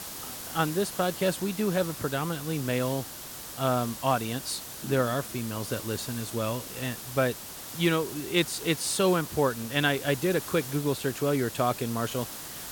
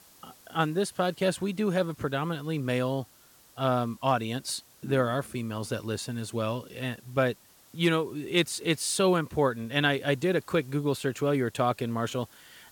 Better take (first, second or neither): second